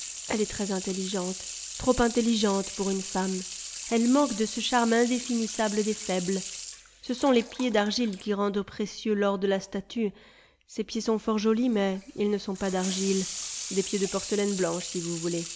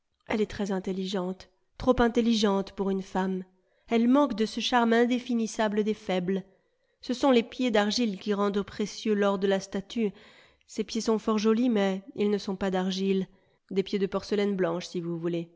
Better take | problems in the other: second | background sound (Sink (filling or washing) / Water tap, faucet); 11 dB below the speech

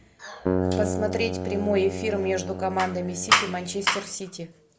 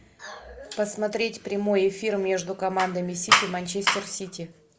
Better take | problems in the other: second | background sound (Keyboard (musical)); 3 dB below the speech

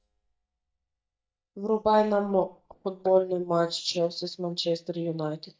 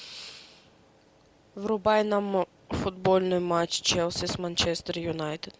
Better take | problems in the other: second | noise reduction (neural mask model DeepFilterNet 3)

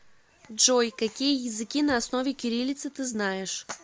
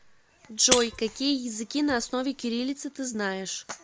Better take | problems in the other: first | background sound (Shatter); 4 dB below the speech

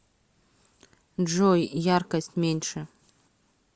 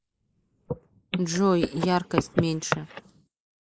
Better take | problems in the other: first | noise reduction (neural mask model Resemble Enhance denoiser)

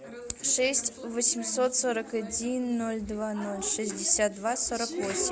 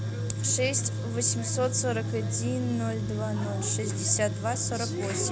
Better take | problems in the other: first | background sound (Tools); 2 dB below the speech

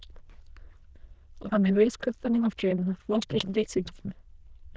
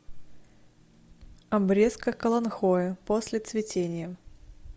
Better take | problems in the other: second | noise reduction (neural diffusion model UNIVERSE++)

